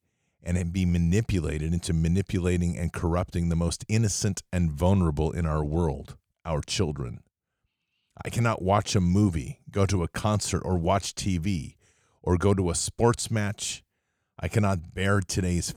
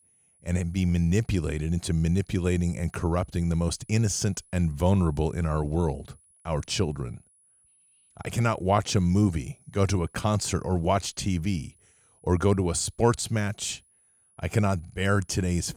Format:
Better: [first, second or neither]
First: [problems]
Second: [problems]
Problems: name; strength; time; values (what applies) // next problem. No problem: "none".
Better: first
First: none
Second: high-pitched whine; faint; throughout; 10 kHz, 35 dB below the speech